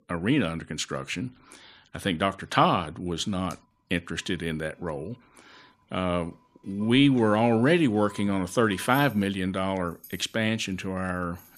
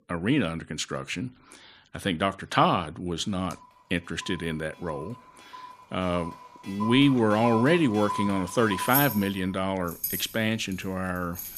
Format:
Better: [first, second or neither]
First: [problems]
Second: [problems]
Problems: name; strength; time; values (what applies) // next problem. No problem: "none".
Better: first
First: household noises; faint; throughout; 25 dB below the speech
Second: household noises; loud; throughout; 8 dB below the speech